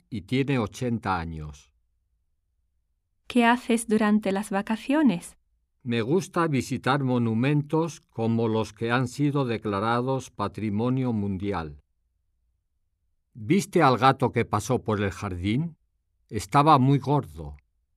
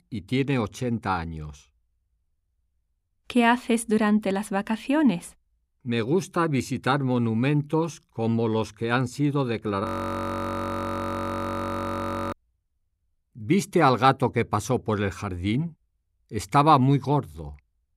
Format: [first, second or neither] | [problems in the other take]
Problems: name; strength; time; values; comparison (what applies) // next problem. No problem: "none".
first | audio freezing; at 10 s for 2.5 s